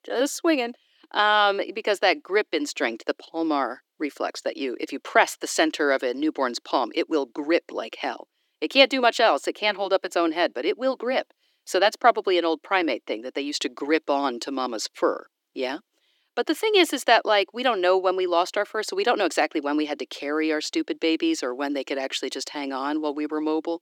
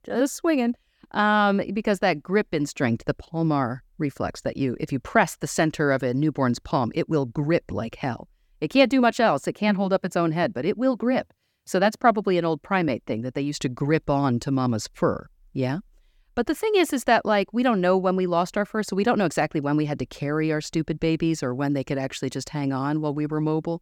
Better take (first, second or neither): second